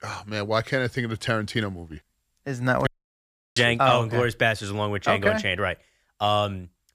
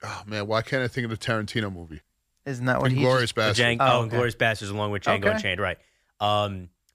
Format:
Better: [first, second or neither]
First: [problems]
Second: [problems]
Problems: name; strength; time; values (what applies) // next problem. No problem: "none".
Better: second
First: audio cutting out; at 3 s for 0.5 s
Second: none